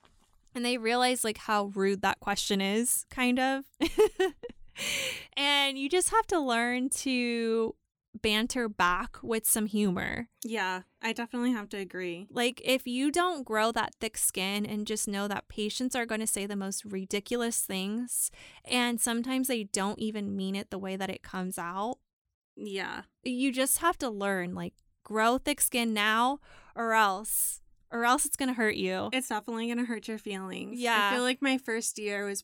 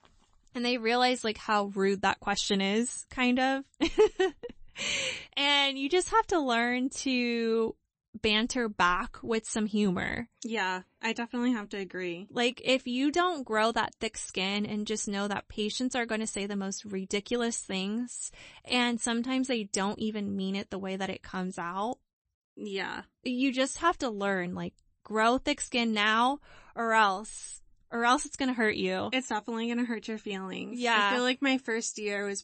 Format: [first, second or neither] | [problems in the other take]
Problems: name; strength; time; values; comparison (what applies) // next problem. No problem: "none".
first | garbled, watery; slightly; nothing above 8 kHz